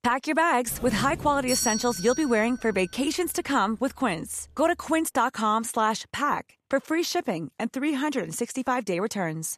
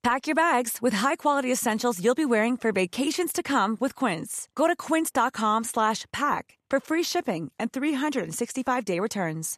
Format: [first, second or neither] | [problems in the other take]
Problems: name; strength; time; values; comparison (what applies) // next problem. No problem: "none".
second | doorbell; noticeable; from 0.5 to 3 s; peak 1 dB below the speech